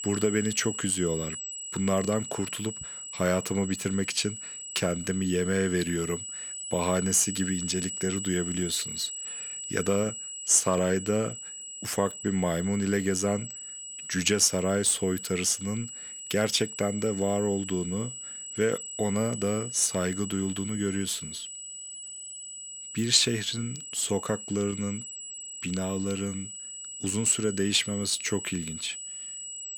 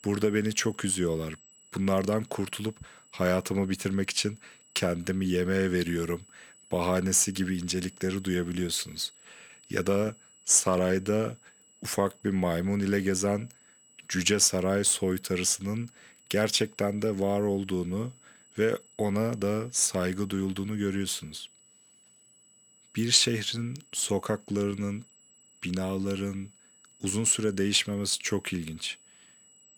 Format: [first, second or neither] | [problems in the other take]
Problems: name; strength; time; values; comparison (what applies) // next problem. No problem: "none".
second | high-pitched whine; loud; throughout; 8 kHz, 8 dB below the speech; faint in the second